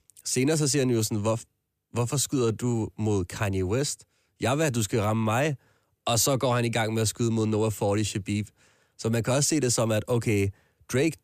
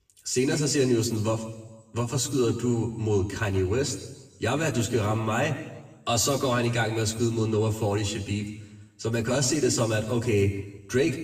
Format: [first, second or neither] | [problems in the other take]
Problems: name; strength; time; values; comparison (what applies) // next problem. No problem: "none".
first | room echo; slight; dies away in 1.1 s // off-mic speech; far